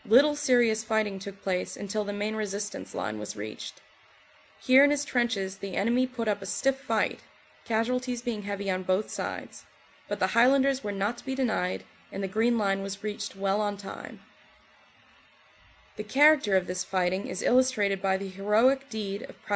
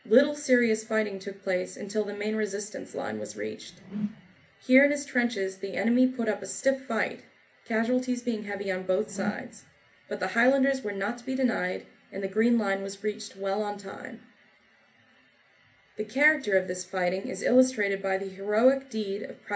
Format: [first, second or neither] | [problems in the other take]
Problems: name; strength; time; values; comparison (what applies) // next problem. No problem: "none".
first | background sound (Whoosh, swoosh, swish); 12 dB below the speech // room echo; dies away in 0.3 s